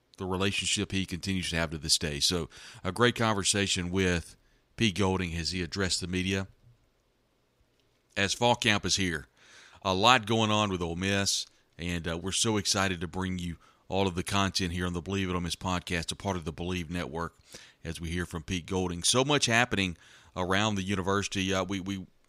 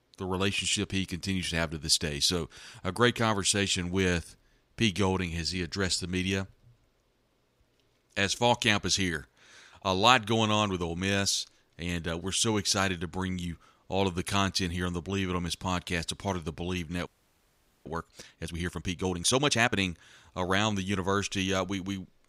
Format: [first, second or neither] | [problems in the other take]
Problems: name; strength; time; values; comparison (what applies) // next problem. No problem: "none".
first | audio freezing; at 17 s for 1 s